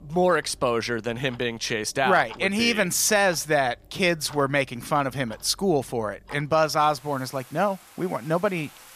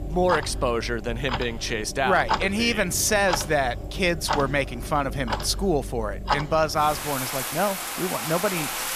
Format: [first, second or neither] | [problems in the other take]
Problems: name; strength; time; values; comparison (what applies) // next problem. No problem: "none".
first | household noises; loud; throughout; 6 dB below the speech; faint in the first